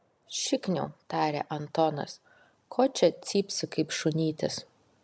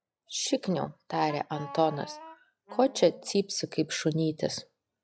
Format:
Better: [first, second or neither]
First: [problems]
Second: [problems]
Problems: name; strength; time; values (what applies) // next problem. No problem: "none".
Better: first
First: none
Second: noise reduction (classical method log-MMSE)